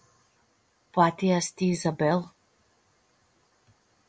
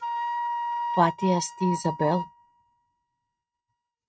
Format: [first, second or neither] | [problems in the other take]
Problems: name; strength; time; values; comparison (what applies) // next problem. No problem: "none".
first | noise reduction (neural mask model RNNoise)